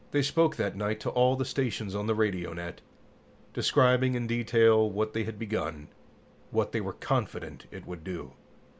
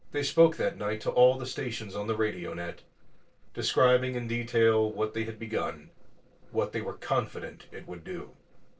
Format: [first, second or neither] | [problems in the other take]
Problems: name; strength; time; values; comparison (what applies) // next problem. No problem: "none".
first | noise reduction (neural separator model SepFormer DNS4)